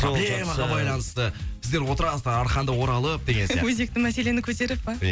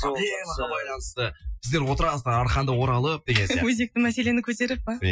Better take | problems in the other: first | noise reduction (classical method Wiener filter)

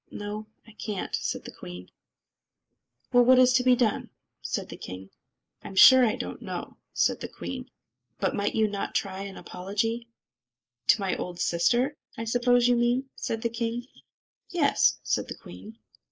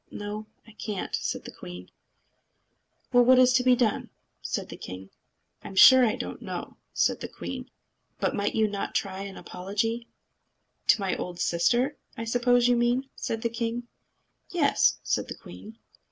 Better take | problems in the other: second | noise reduction (neural mask model Resemble Enhance denoiser)

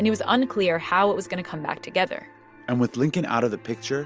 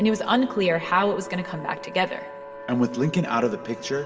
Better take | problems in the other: first | background sound (Wind instrument, woodwind instrument); 15 dB below the speech // room echo; dies away in 1.8 s

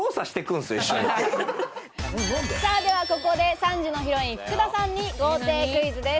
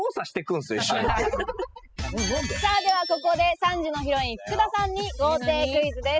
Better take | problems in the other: first | noise reduction (classical method spectral subtraction)

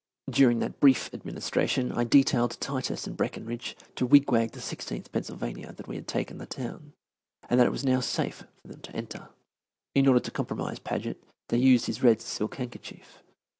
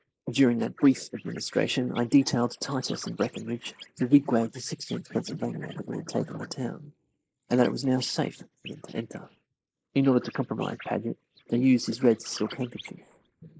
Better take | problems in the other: first | noise reduction (neural mask model Resemble Enhance denoiser)

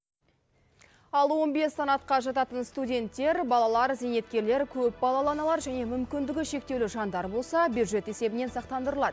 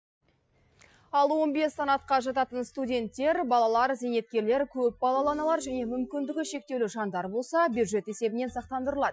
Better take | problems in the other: first | noise reduction (classical method Wiener filter)

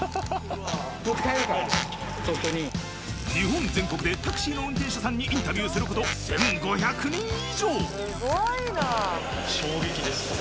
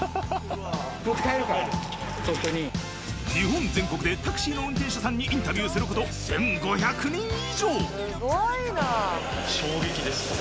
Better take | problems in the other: second | background sound (Squeak); 11 dB below the speech

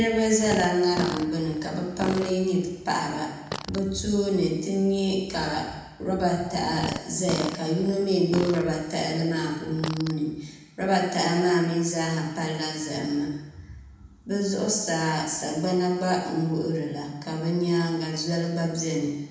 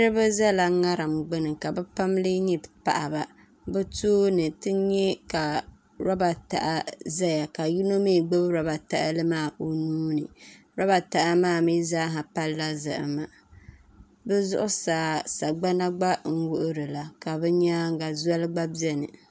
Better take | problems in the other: second | background sound (Fart); 11 dB below the speech // room echo; dies away in 1 s

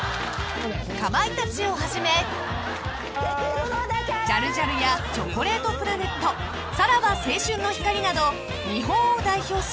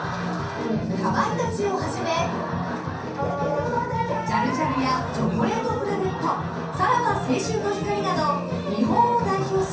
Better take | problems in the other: first | room echo; dies away in 0.6 s

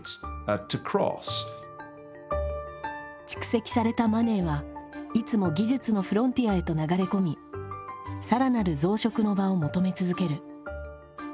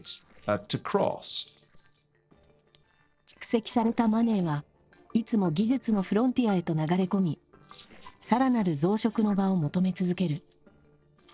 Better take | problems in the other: first | noise reduction (neural separator model SepFormer DNS4)

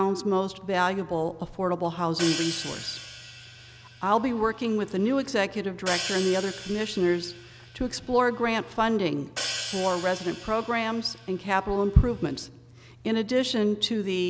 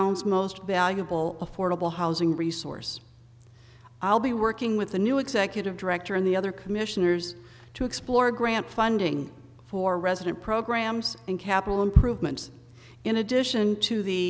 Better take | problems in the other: second | background sound (Hi-hat); 11 dB below the speech

